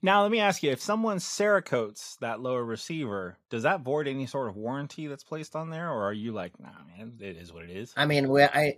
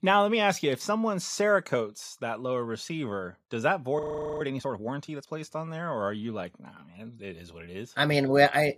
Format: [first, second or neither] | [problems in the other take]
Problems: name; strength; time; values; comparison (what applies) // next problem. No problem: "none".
first | audio freezing; at 4 s